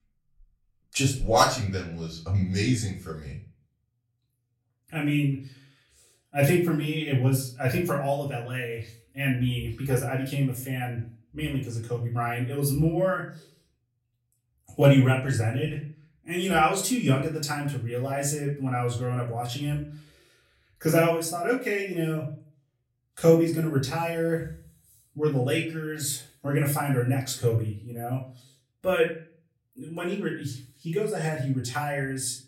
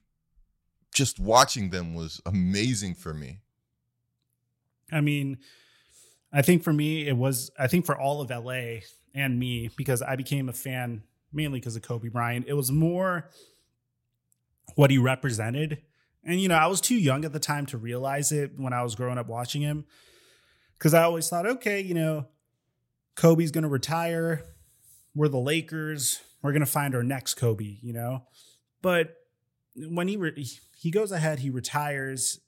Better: second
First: off-mic speech; far // room echo; slight; dies away in 0.4 s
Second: none

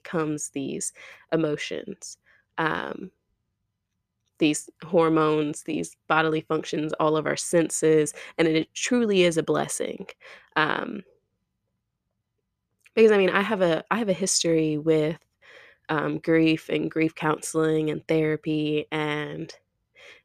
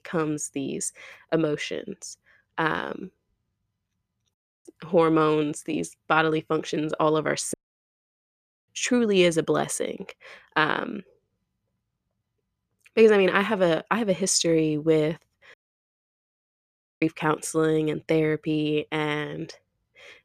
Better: first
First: none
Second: audio cutting out; at 4.5 s, at 7.5 s for 1 s and at 16 s for 1.5 s

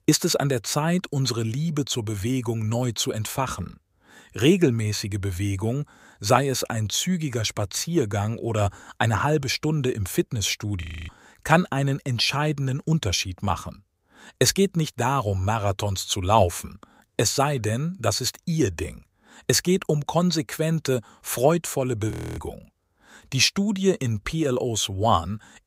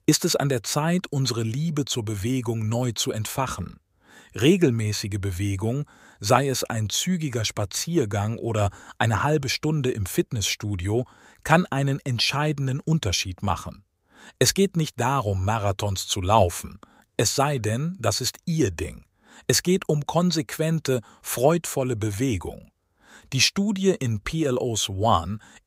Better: second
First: audio freezing; at 11 s and at 22 s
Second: none

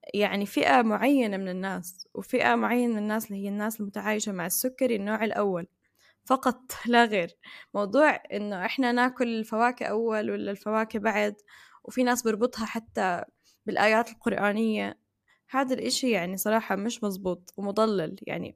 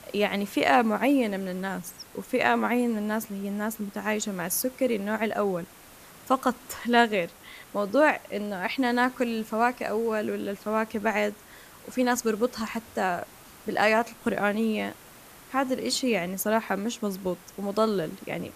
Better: first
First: none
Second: hiss; faint; throughout; 20 dB below the speech

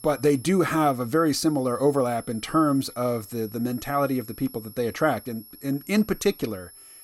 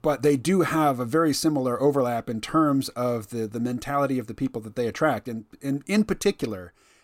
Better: second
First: high-pitched whine; noticeable; throughout; 11.5 kHz, 20 dB below the speech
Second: none

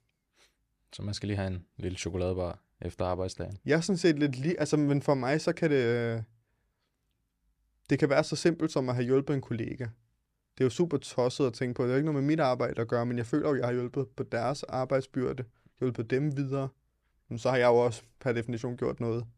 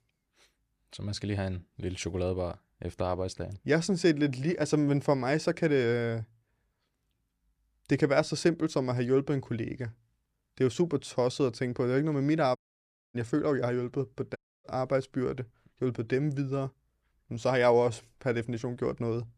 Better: first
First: none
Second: audio cutting out; at 13 s for 0.5 s and at 14 s

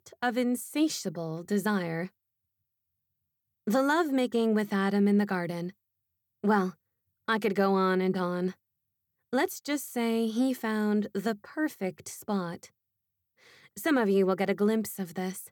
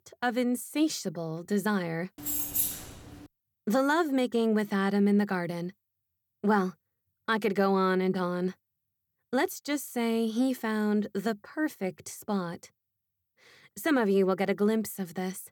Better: first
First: none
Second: jangling keys; loud; at 2 s; peak 2 dB above the speech

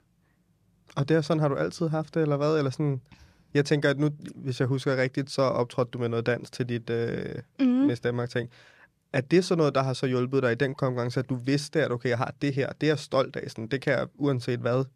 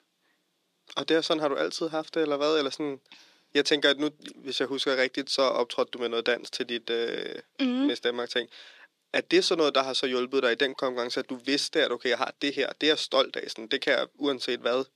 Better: first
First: none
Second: thin; very slightly; fading below 300 Hz

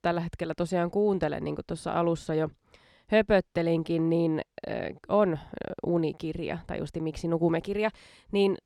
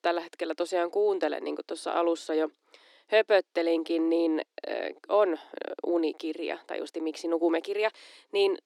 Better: first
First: none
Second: thin; very; fading below 300 Hz

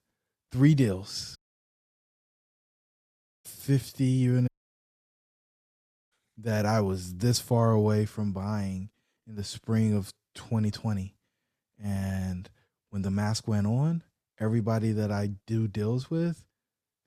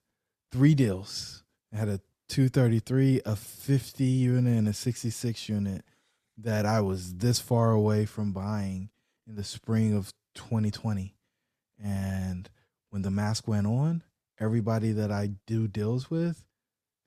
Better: second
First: audio cutting out; at 1.5 s for 2 s and at 4.5 s for 1.5 s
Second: none

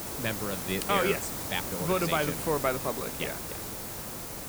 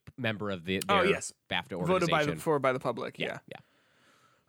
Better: second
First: hiss; loud; throughout; 4 dB below the speech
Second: none

